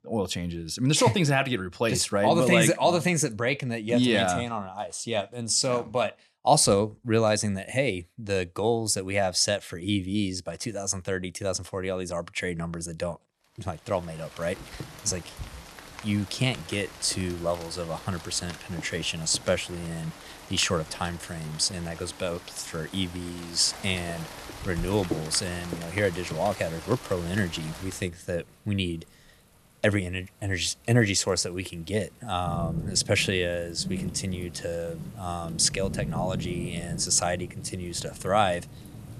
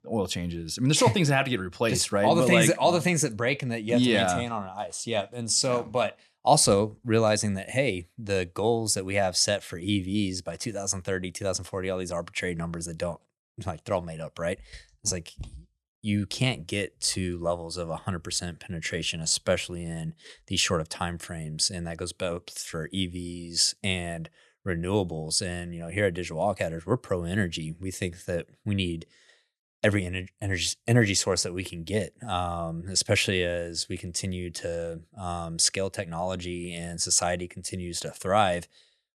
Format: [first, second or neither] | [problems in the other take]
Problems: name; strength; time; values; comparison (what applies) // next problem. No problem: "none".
second | rain or running water; noticeable; from 14 s on; 15 dB below the speech